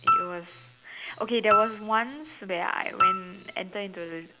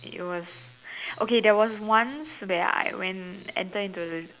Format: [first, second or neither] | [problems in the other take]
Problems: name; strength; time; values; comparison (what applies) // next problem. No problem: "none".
second | background sound (Piano); 1 dB above the speech